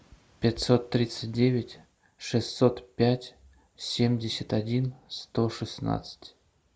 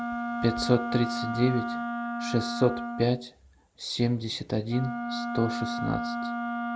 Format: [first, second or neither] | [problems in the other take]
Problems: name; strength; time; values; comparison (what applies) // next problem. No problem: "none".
first | background sound (Wind instrument, woodwind instrument); 3 dB below the speech